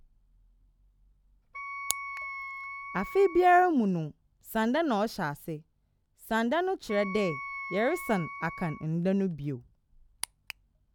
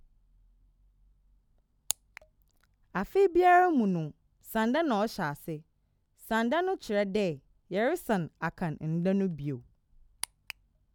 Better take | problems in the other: second | background sound (Wind instrument, woodwind instrument); 10 dB below the speech

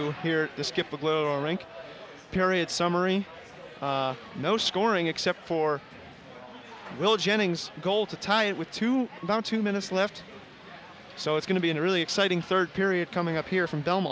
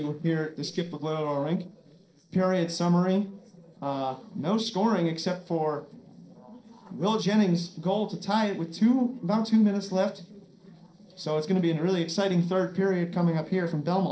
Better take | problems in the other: first | noise reduction (neural separator model SepFormer DNS4)

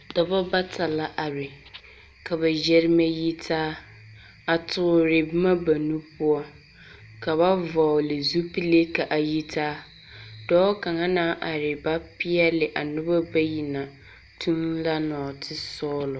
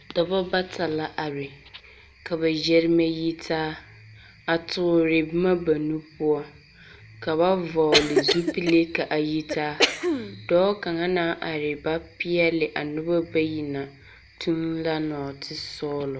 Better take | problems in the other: first | background sound (Cough); 2 dB below the speech

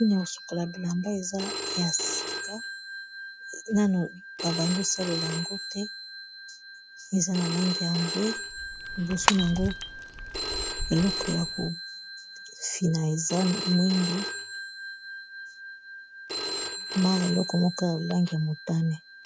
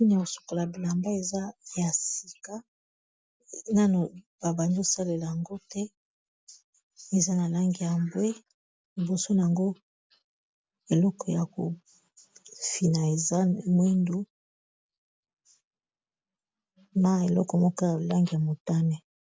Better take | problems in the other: second | background sound (Telephone + Shatter / Crushing); 6 dB below the speech

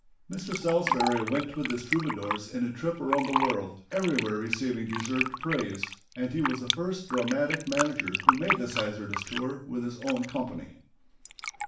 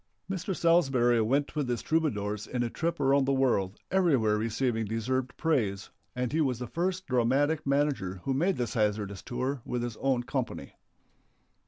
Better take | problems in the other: second | background sound (Fill (with liquid)); 2 dB below the speech // room echo; dies away in 0.4 s

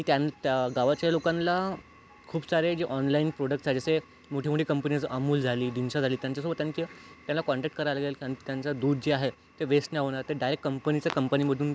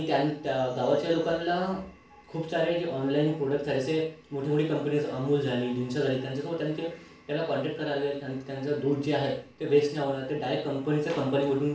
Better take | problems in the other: first | room echo; dies away in 0.4 s

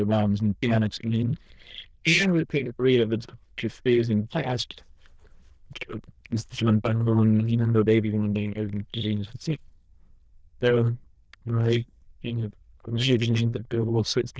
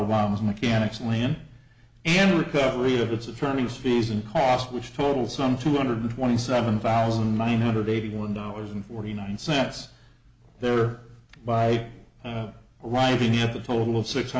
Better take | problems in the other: second | noise reduction (neural diffusion model UNIVERSE++)

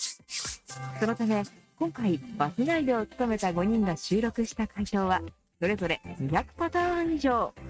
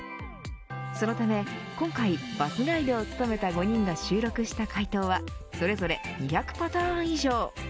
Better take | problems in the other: second | noise reduction (neural mask model RNNoise)

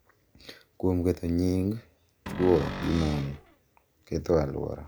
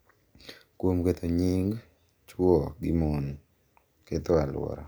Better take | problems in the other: second | background sound (Cupboard open or close); 8 dB below the speech

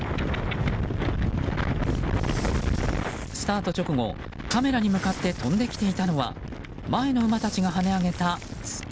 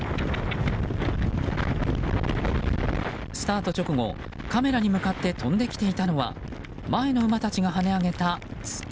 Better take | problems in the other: second | background sound (Hi-hat + Tearing); 17 dB below the speech

